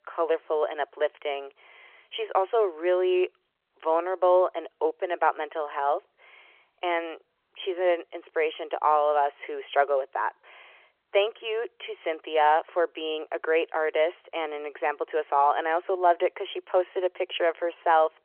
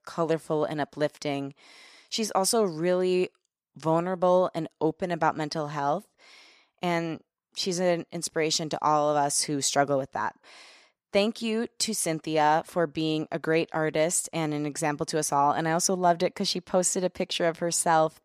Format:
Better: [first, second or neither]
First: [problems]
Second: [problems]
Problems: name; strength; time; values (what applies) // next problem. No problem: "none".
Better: second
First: phone-call audio; nothing above 3.5 kHz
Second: none